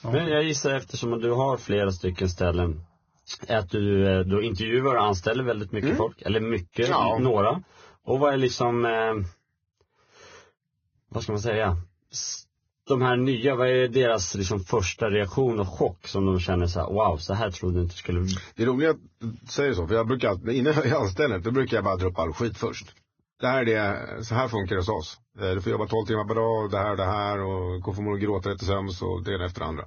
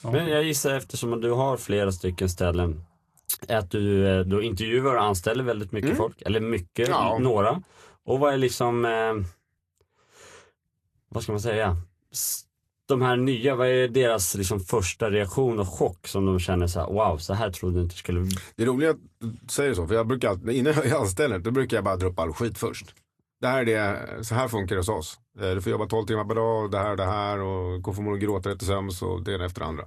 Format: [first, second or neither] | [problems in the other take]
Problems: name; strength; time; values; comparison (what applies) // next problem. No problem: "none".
second | garbled, watery; badly; nothing above 6.5 kHz; slightly in the second